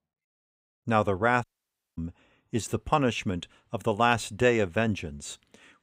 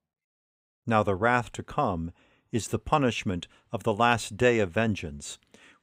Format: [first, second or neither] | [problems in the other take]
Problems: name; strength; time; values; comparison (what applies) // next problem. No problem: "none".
second | audio cutting out; at 1.5 s for 0.5 s